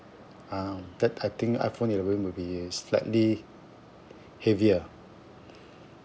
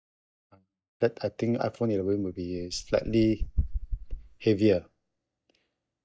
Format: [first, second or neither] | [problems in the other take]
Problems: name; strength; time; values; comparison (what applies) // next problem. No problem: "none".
first | noise reduction (neural mask model DeepFilterNet 3)